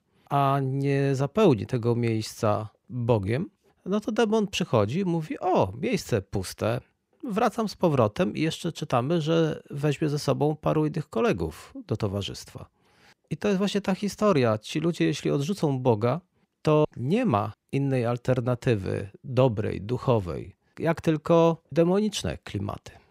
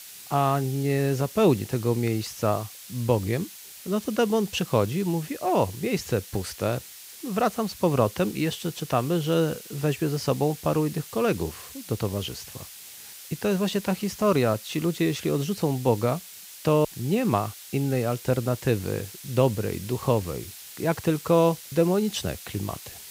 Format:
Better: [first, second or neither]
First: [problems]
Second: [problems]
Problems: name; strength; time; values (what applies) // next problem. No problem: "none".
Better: first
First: none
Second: hiss; noticeable; throughout; 15 dB below the speech